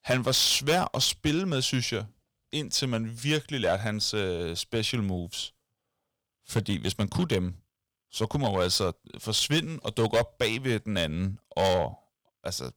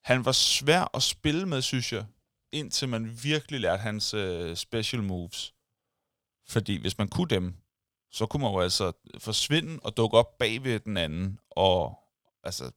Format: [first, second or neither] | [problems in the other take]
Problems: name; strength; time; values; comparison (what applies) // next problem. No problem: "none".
second | distortion; slight; 4% of the sound clipped